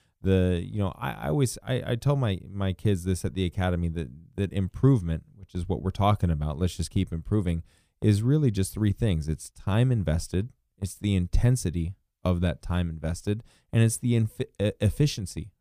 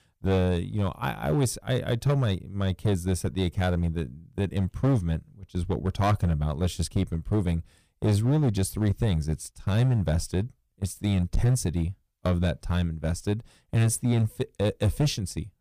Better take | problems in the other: first | distortion; slight; 7% of the sound clipped

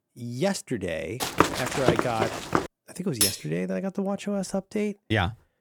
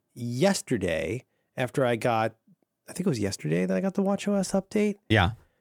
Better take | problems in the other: second | footsteps; loud; from 1 to 2.5 s; peak 5 dB above the speech // clattering dishes; loud; at 3 s; peak 6 dB above the speech

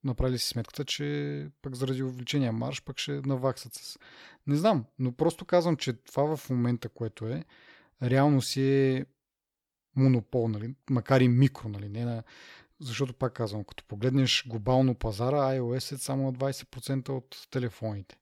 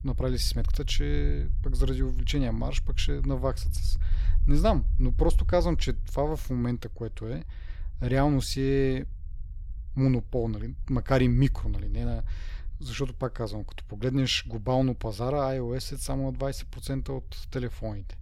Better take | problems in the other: first | low rumble; faint; throughout; 25 dB below the speech

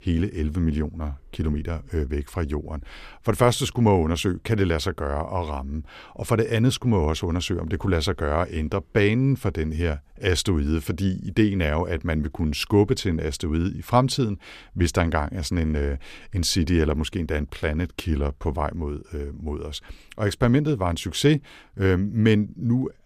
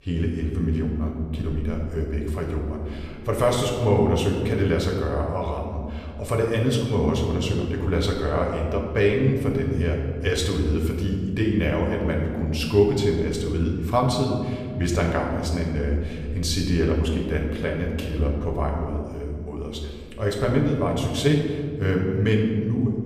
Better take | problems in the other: first | room echo; noticeable; dies away in 1.8 s // off-mic speech; somewhat distant

